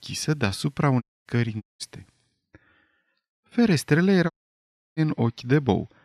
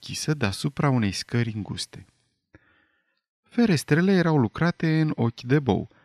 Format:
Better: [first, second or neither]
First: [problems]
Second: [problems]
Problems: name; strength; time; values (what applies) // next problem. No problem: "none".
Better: second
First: audio cutting out; at 1 s, at 1.5 s and at 4.5 s for 0.5 s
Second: none